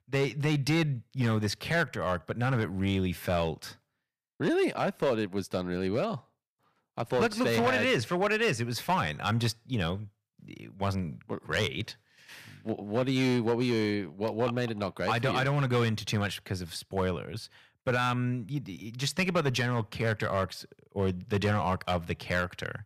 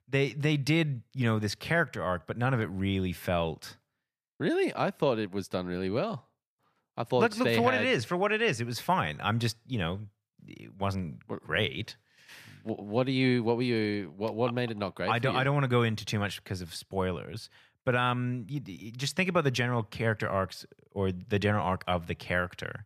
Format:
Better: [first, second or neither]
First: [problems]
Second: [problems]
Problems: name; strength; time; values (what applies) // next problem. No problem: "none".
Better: second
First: distortion; slight; 4% of the sound clipped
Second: none